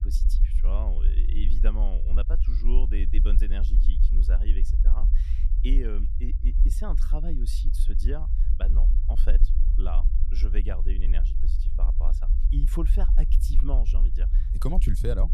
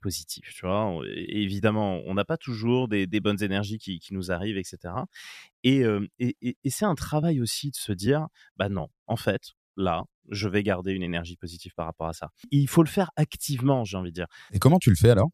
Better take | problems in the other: second | low rumble; loud; throughout; 7 dB below the speech

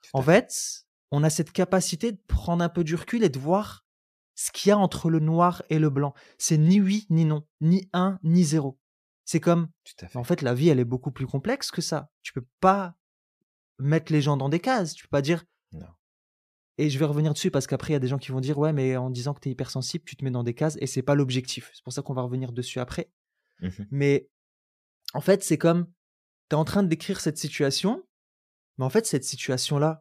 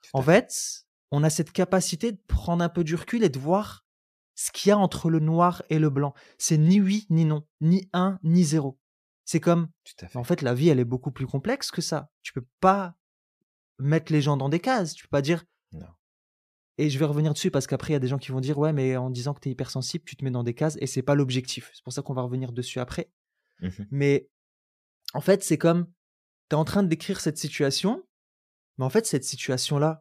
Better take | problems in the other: neither | none

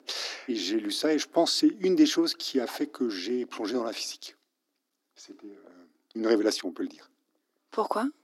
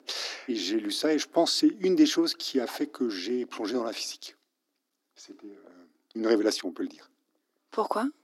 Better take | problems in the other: neither | thin; somewhat; fading below 300 Hz; the same in both

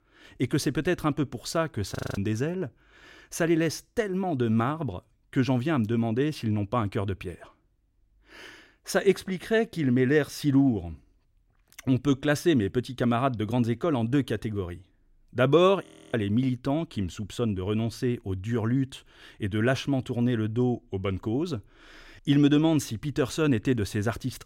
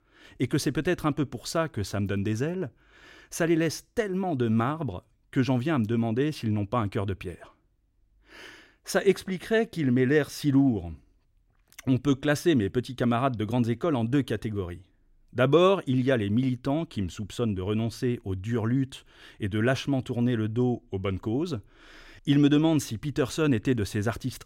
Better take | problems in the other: second | audio freezing; at 2 s and at 16 s

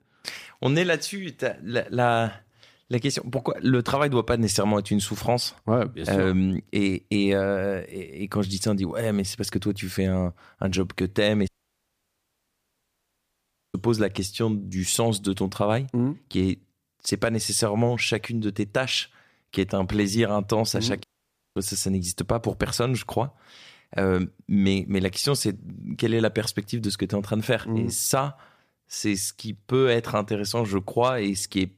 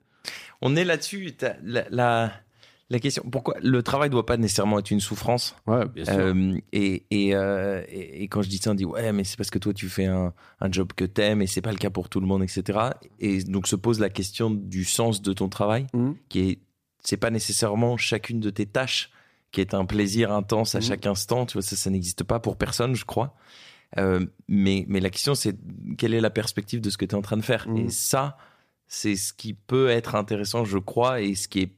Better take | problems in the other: second | audio cutting out; at 11 s for 2.5 s and at 21 s for 0.5 s

